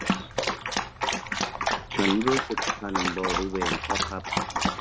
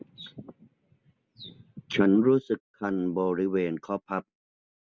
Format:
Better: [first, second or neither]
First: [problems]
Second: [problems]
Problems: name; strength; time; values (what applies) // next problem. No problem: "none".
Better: second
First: background sound (Dog); 3 dB above the speech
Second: none